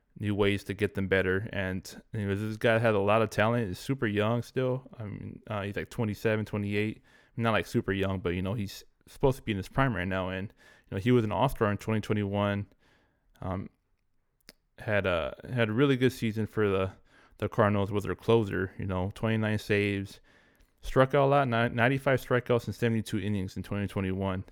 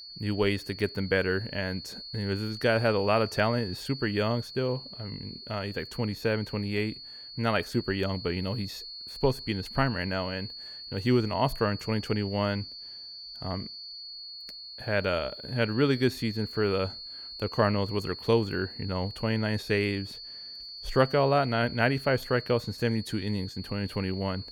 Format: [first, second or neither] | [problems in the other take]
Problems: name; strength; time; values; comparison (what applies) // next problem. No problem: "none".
first | high-pitched whine; noticeable; throughout; 4.5 kHz, 10 dB below the speech